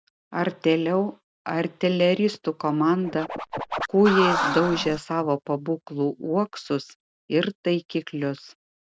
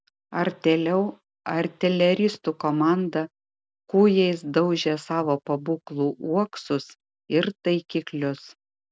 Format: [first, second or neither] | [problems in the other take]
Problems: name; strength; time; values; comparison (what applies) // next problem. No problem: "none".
second | background sound (Scratching (performance technique)); 3 dB below the speech